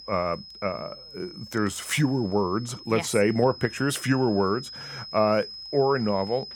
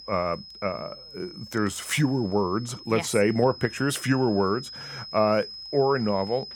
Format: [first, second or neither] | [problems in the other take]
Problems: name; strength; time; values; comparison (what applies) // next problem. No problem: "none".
neither | high-pitched whine; noticeable; throughout; 5 kHz, 15 dB below the speech; the same in both